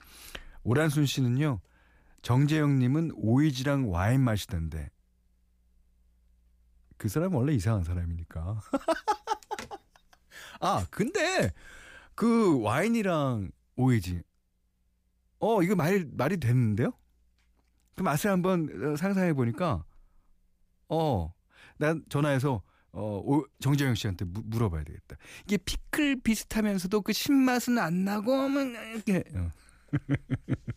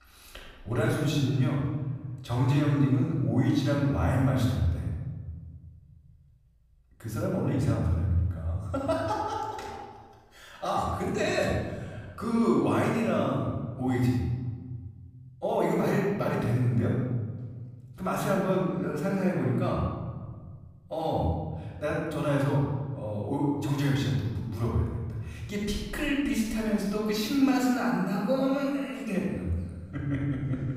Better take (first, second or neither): first